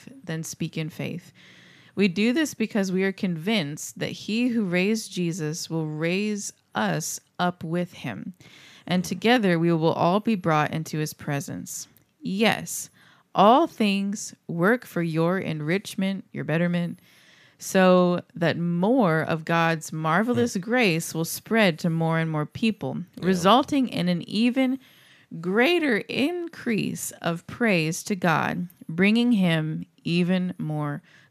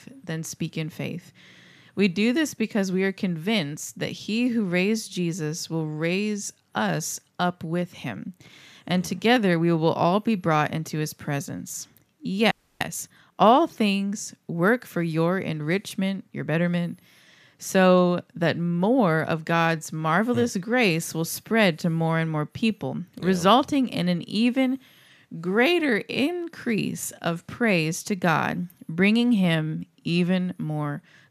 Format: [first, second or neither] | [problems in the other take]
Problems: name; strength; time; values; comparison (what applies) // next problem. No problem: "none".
first | audio freezing; at 13 s